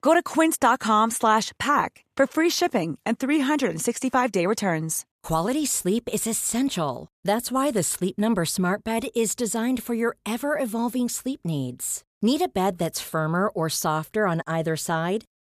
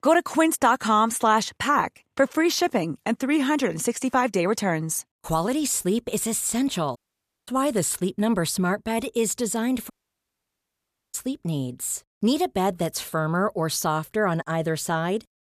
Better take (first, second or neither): first